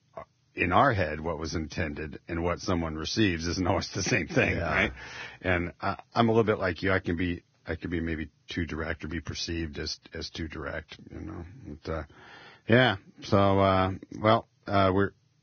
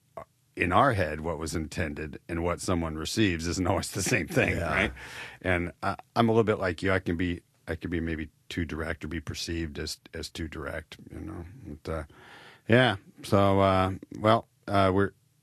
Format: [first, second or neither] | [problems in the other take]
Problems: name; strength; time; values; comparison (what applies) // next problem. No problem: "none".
second | garbled, watery; badly; nothing above 6.5 kHz; slightly in the second